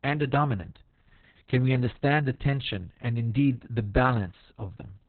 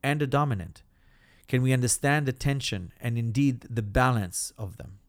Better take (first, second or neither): second